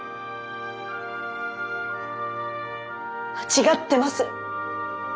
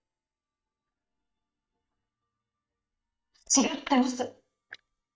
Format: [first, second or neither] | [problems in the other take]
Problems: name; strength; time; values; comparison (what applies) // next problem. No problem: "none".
first | noise reduction (neural mask model DeepFilterNet 3)